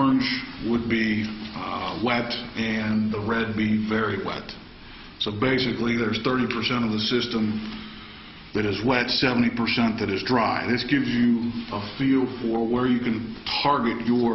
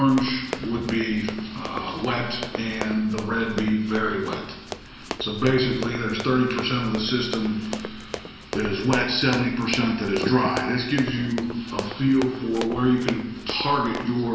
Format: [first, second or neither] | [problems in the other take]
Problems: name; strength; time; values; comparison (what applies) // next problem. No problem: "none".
first | background sound (Run); 11 dB below the speech // room echo; dies away in 0.7 s